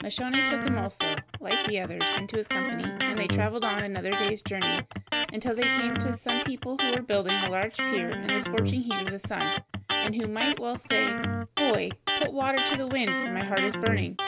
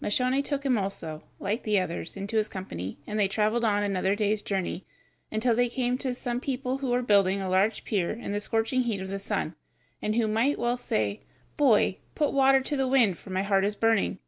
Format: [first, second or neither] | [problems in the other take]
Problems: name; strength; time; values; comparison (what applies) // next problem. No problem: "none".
second | background sound (Electric guitar); 1 dB above the speech